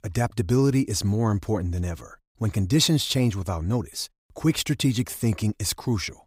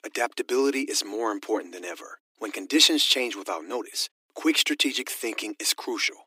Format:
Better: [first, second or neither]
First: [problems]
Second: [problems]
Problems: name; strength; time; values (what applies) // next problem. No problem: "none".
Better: first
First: none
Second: thin; somewhat; fading below 300 Hz